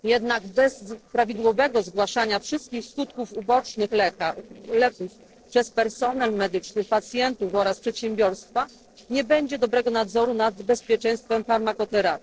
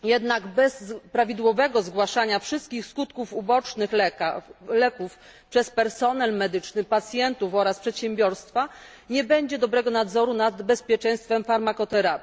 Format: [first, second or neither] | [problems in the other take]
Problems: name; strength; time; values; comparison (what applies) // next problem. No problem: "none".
second | noise reduction (neural separator model SepFormer DNS4)